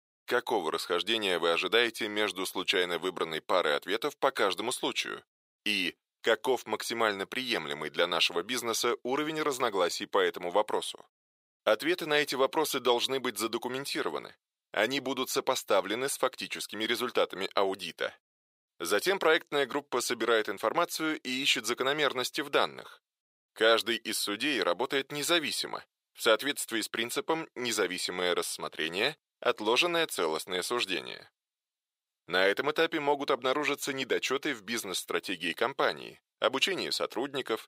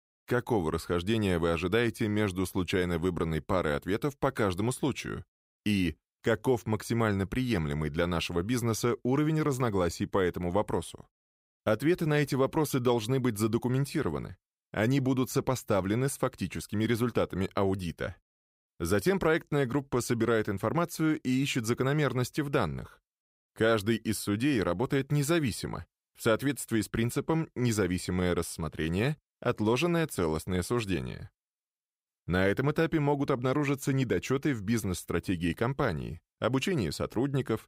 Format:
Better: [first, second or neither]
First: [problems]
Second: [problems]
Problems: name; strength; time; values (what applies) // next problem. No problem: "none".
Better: second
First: thin; very; fading below 550 Hz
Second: none